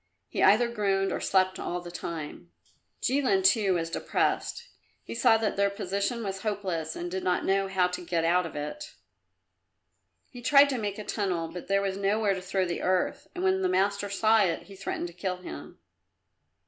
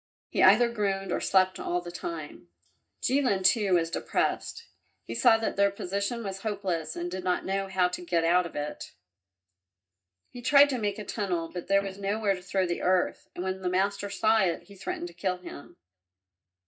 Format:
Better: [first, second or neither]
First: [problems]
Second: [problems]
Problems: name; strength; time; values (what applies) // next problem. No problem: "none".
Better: first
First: none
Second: noise reduction (neural mask model DeepFilterNet 3)